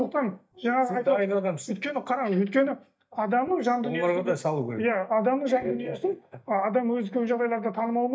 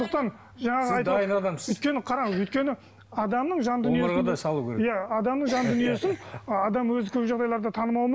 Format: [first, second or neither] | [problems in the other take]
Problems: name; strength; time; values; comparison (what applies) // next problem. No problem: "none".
second | noise reduction (neural mask model DeepFilterNet 3)